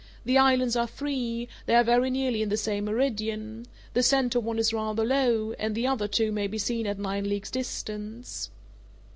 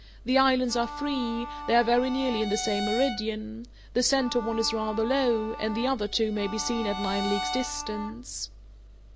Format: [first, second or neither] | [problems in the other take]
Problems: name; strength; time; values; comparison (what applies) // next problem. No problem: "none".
first | background sound (Bowed string instrument + Bowed string instrument); 9 dB below the speech